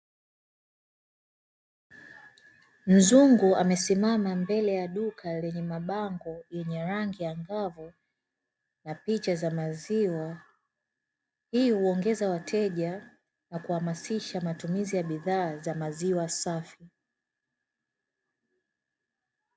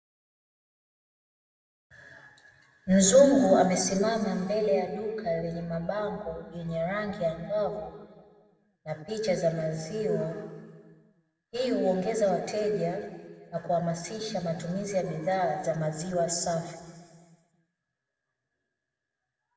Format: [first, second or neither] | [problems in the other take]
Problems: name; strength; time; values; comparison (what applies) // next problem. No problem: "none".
first | room echo; dies away in 1.7 s